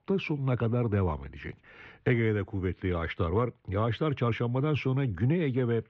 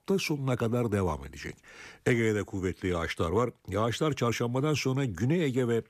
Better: second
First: muffled; very; fading above 3 kHz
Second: none

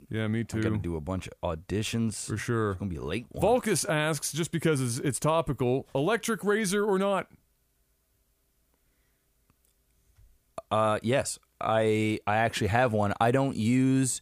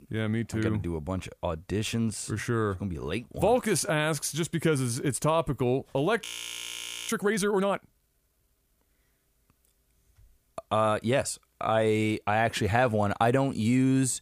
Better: first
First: none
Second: audio freezing; at 6.5 s for 1 s

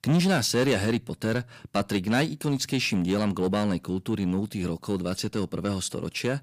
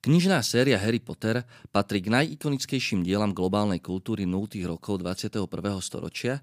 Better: second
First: distortion; slight; 10 dB below the speech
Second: none

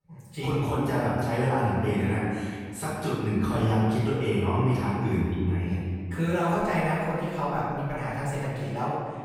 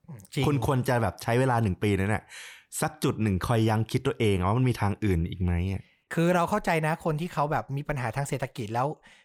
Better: second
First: off-mic speech; far // room echo; strong; dies away in 2 s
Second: none

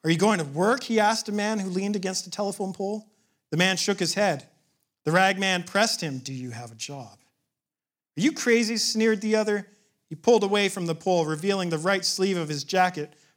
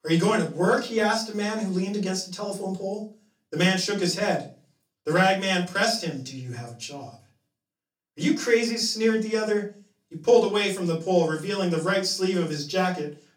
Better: first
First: none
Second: off-mic speech; far // room echo; very slight; dies away in 0.3 s

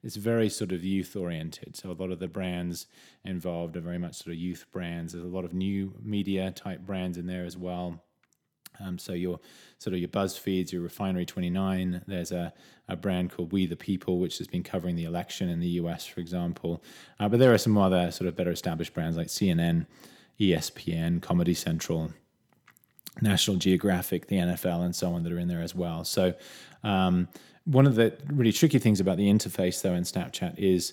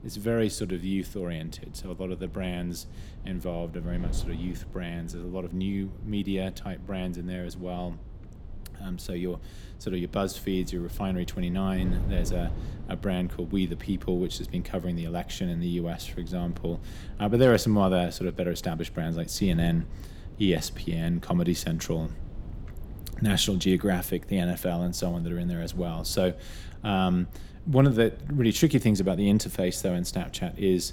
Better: first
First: none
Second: wind noise on the microphone; occasional gusts; 20 dB below the speech

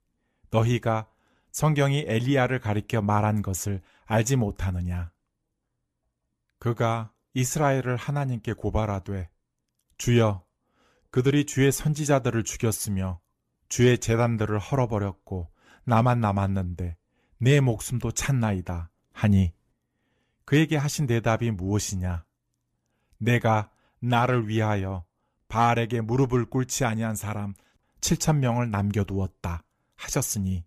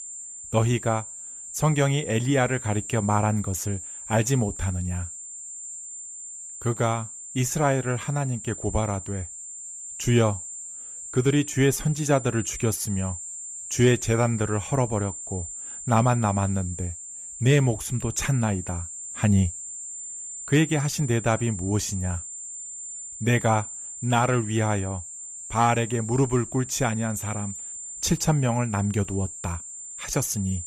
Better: first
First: none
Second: high-pitched whine; loud; throughout; 7.5 kHz, 10 dB below the speech

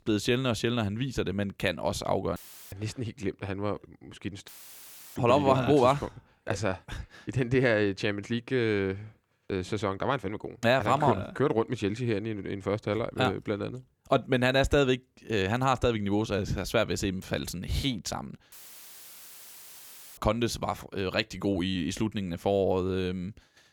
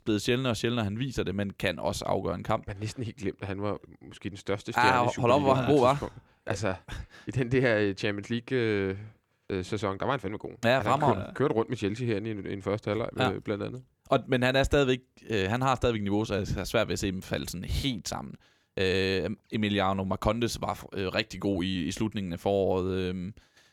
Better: second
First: audio cutting out; filled with static; at 2.5 s, at 4.5 s for 0.5 s and at 19 s for 1.5 s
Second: none

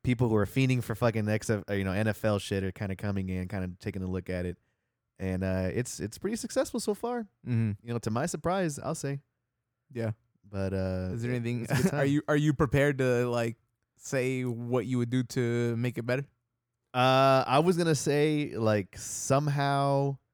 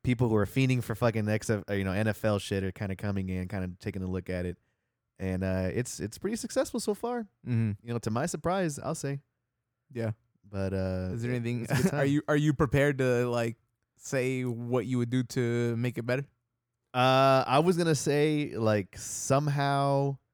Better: neither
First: none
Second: none

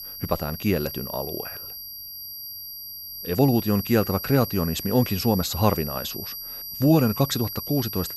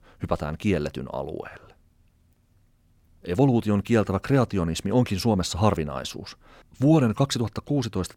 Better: second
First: high-pitched whine; loud; throughout; 12 kHz, 9 dB below the speech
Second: none

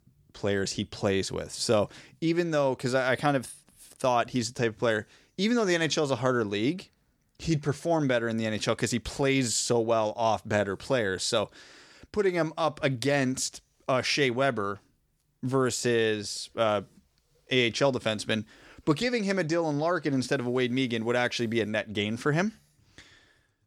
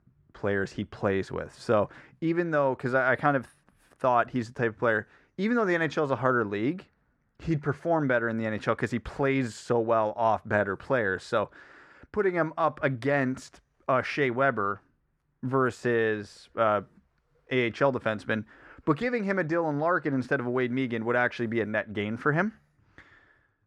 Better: first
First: none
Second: muffled; very; fading above 2.5 kHz

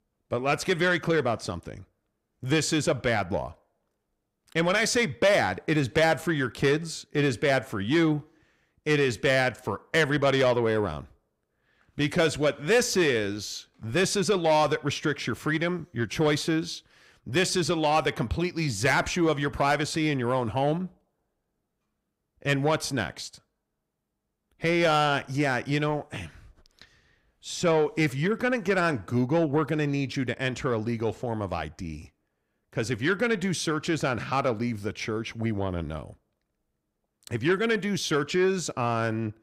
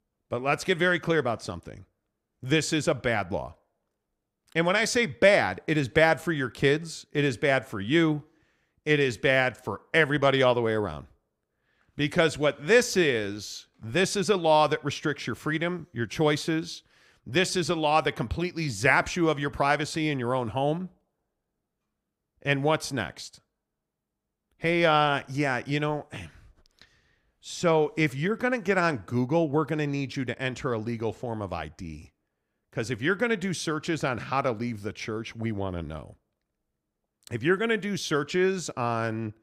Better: second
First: distortion; slight; 10 dB below the speech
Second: none

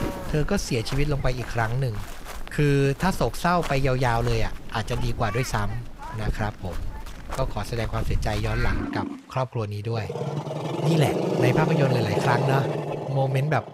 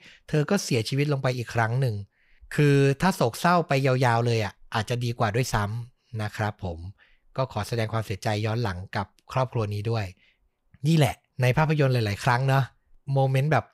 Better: second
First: animal sounds; loud; throughout; 5 dB below the speech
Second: none

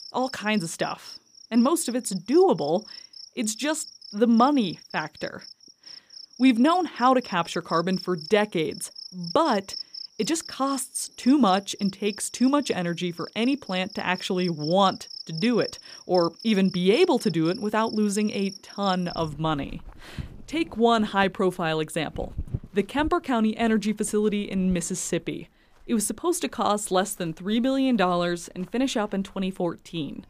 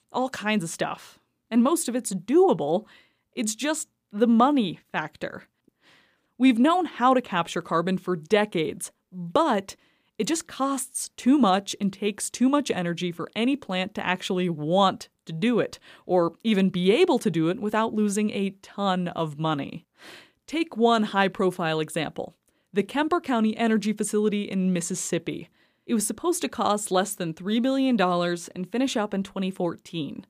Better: second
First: animal sounds; noticeable; throughout; 15 dB below the speech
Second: none

